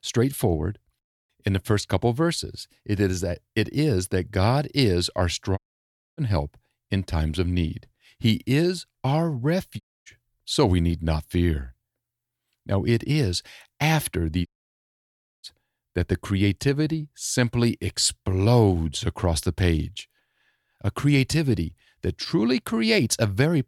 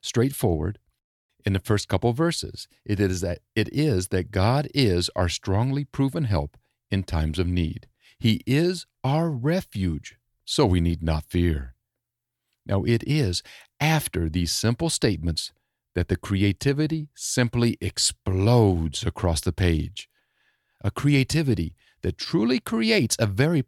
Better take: second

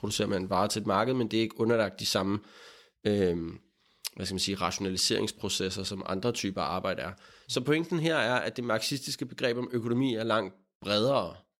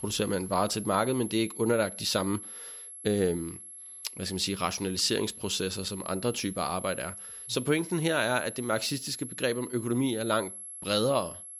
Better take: first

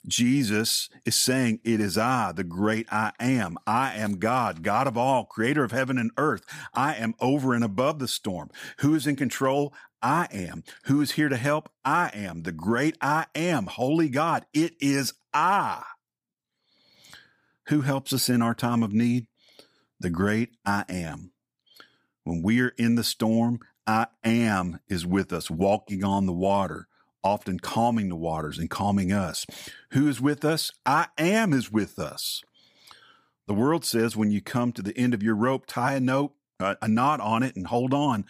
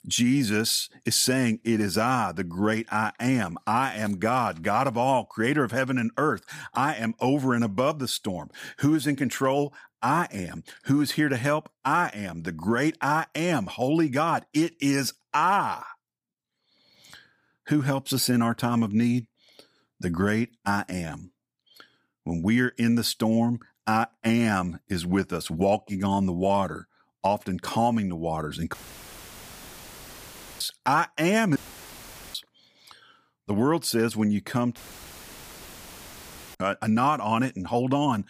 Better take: first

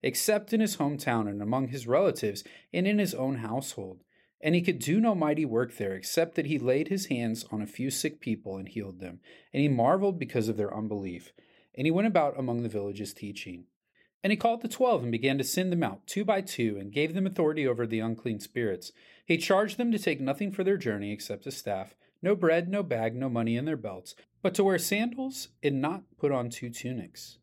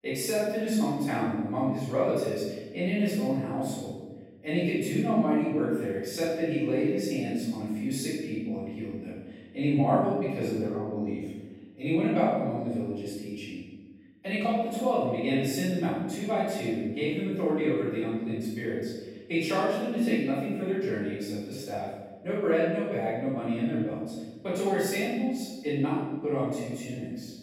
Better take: first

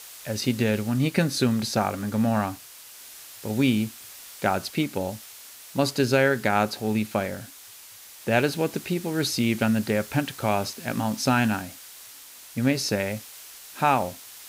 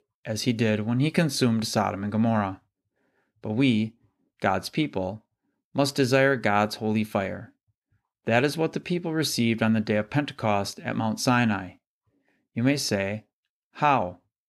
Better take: second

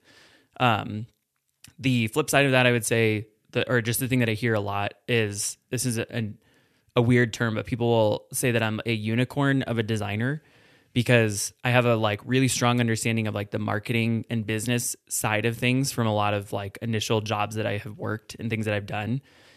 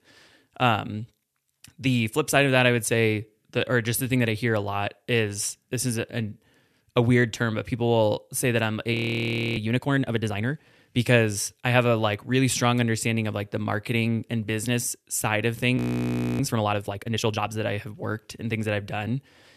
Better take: first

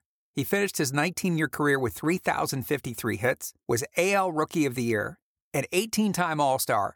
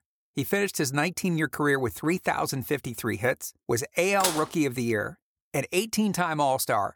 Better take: first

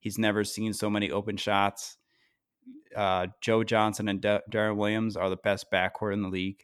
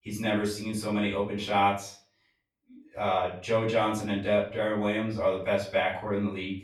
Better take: first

